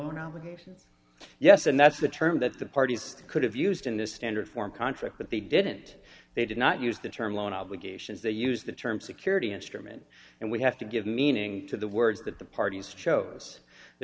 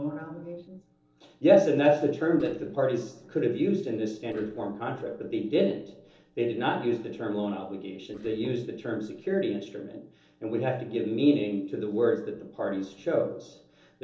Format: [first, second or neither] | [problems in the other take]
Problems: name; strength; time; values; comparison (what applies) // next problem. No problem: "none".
first | noise reduction (neural separator model SepFormer DNS4)